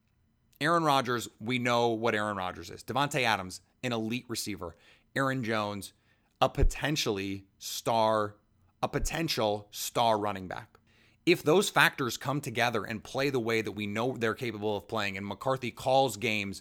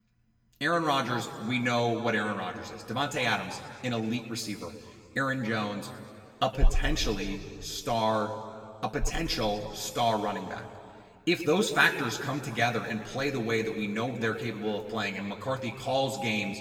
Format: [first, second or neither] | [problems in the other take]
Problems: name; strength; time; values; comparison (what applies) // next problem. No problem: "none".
first | room echo; slight; dies away in 1.8 s // off-mic speech; somewhat distant